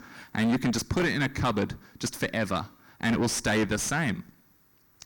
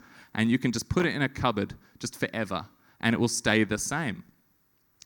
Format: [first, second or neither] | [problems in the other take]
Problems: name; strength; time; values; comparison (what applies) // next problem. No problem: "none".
second | distortion; heavy; 6 dB below the speech